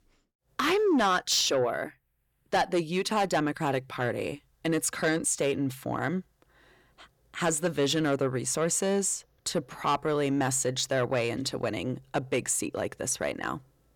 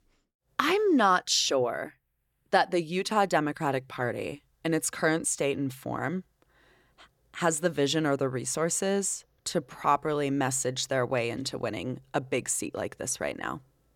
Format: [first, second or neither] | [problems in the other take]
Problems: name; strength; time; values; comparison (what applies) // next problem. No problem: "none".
second | distortion; slight; 10 dB below the speech